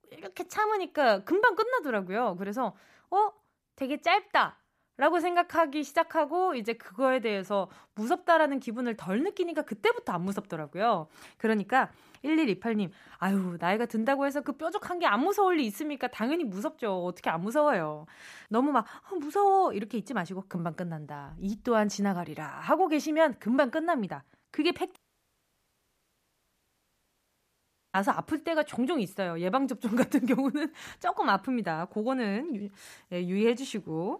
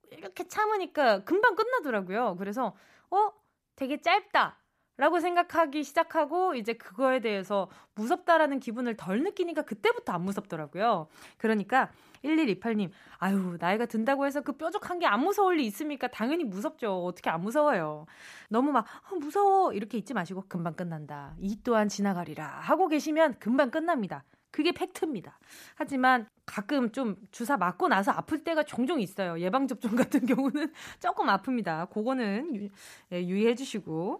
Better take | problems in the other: second | audio cutting out; at 25 s for 3 s

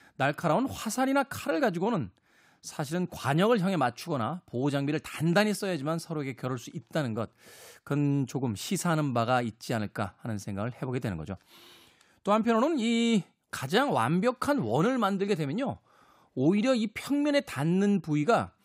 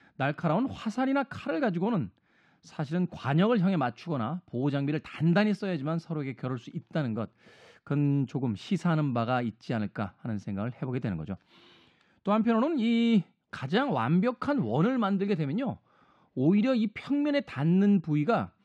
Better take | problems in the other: first | muffled; very slightly; fading above 3 kHz

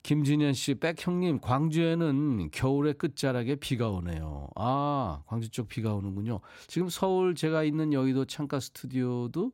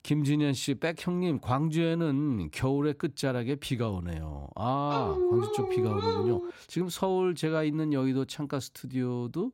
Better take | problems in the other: first | dog barking; loud; from 5 to 6.5 s; peak 3 dB above the speech

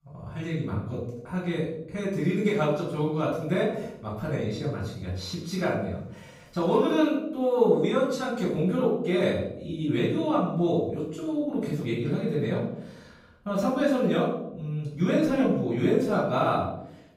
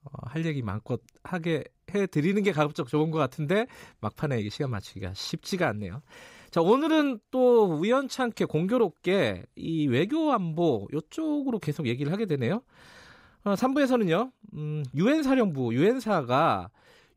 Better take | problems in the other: second | off-mic speech; far // room echo; noticeable; dies away in 0.6 s

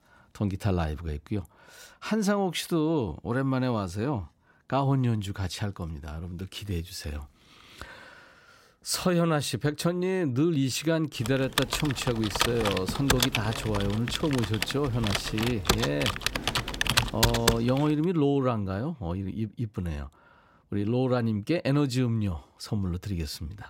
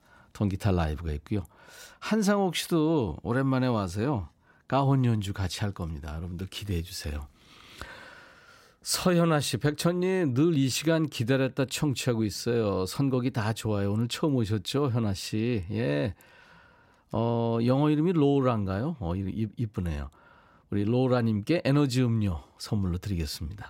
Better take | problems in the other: second | keyboard typing; loud; from 11 to 18 s; peak 5 dB above the speech

